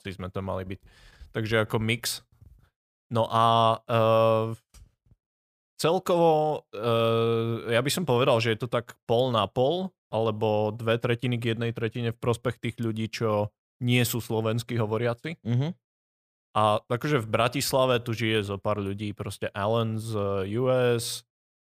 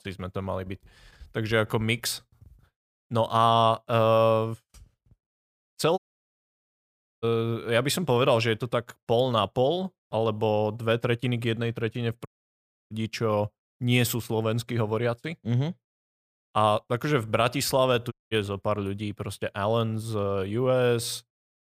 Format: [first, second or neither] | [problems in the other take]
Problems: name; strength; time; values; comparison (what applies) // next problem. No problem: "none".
first | audio cutting out; at 6 s for 1 s, at 12 s for 0.5 s and at 18 s